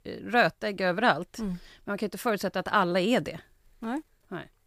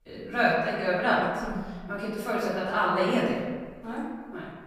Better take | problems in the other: first | off-mic speech; far // room echo; noticeable; dies away in 1.4 s

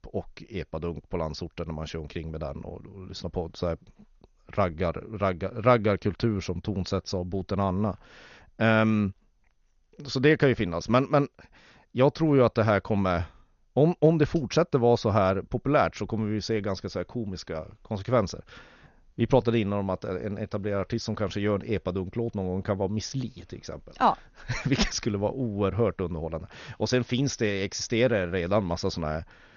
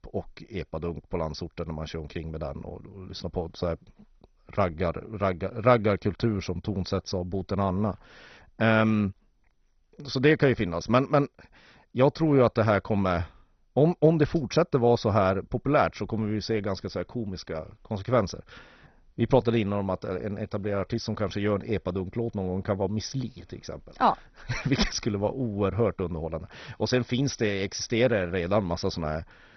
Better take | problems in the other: first | garbled, watery; badly; nothing above 6 kHz; slightly in the first

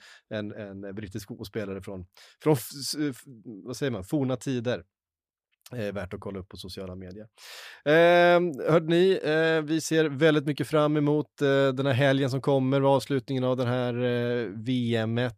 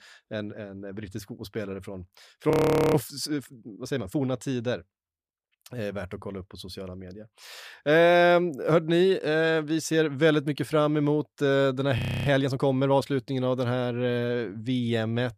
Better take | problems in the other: first | audio freezing; at 2.5 s and at 12 s

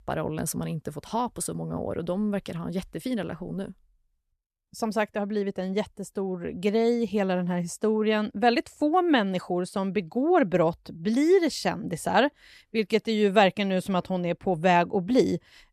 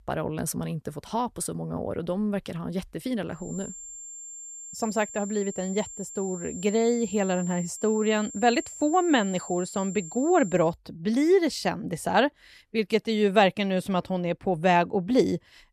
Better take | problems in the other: first | high-pitched whine; noticeable; from 3.5 to 11 s; 7.5 kHz, 10 dB below the speech

